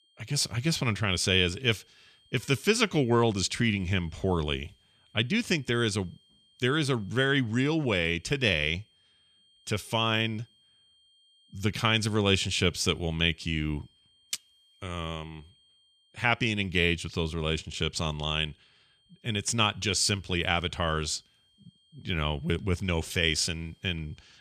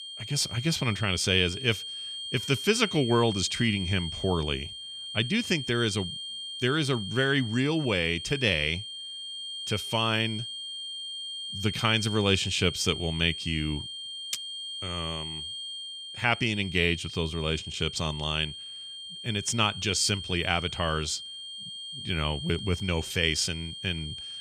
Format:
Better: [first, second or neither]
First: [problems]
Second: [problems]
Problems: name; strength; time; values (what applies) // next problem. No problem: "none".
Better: first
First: high-pitched whine; faint; throughout; 3 kHz, 35 dB below the speech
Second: high-pitched whine; loud; throughout; 3 kHz, 8 dB below the speech